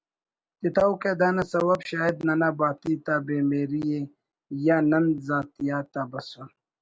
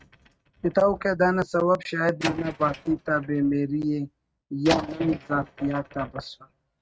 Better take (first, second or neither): first